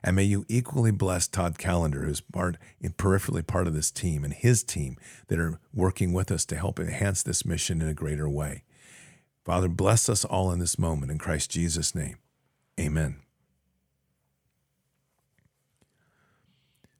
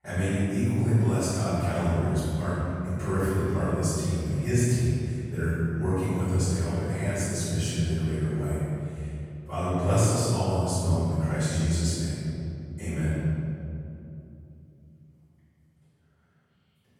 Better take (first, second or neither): first